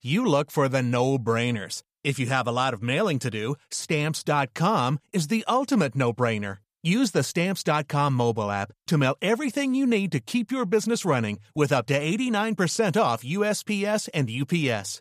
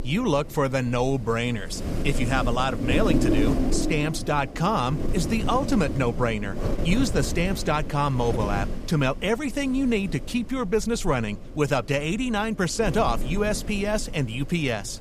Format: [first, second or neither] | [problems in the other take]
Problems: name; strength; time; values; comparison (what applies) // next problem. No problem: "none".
first | wind noise on the microphone; heavy; 8 dB below the speech